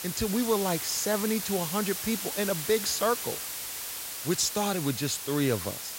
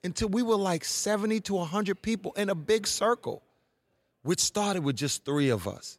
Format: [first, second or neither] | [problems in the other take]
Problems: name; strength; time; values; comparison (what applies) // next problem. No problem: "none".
second | hiss; loud; throughout; 4 dB below the speech